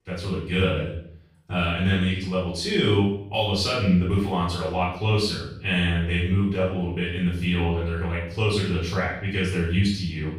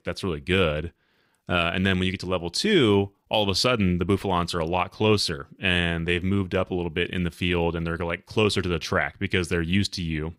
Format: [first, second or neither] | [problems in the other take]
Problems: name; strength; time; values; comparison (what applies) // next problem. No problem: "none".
second | off-mic speech; far // room echo; noticeable; dies away in 0.6 s